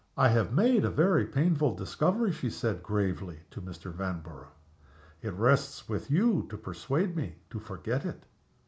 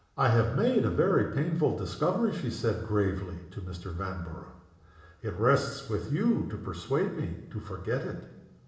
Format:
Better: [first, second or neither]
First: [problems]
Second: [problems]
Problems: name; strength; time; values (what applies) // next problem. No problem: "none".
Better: first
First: none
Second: room echo; dies away in 1 s